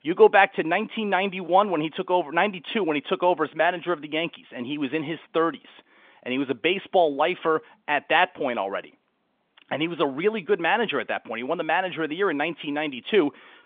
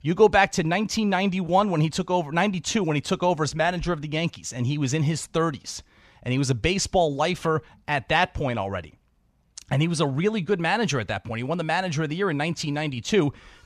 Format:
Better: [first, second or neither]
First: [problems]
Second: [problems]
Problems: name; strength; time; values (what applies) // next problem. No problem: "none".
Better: second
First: phone-call audio; nothing above 3.5 kHz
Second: none